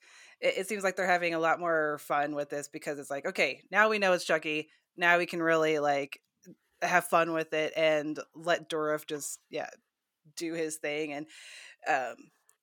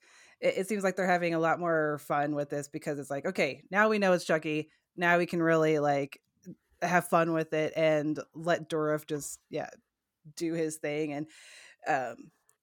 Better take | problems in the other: second | thin; very slightly; fading below 1 kHz

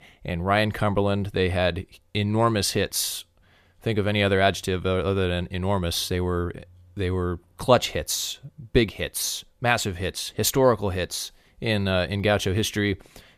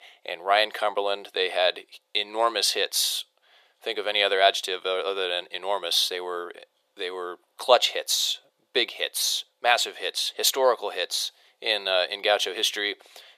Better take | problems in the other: first | thin; very; fading below 450 Hz

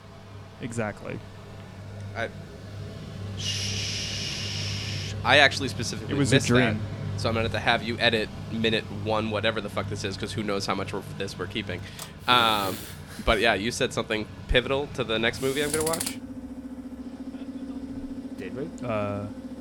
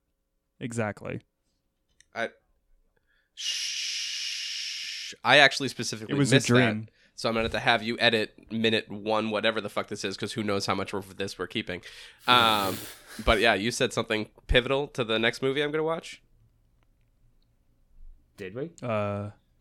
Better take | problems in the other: second | machinery noise; noticeable; throughout; 10 dB below the speech

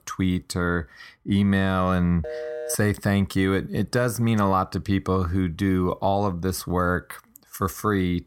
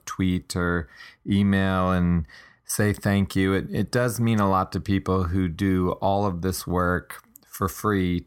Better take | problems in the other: second | phone ringing; noticeable; at 2 s; peak 8 dB below the speech

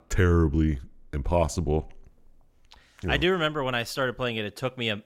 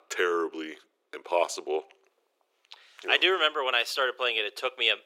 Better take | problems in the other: first | thin; very; fading below 400 Hz

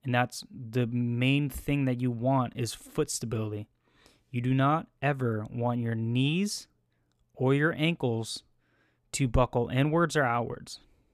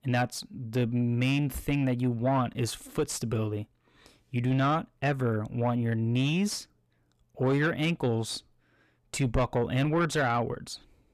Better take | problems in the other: first | distortion; slight; 10 dB below the speech

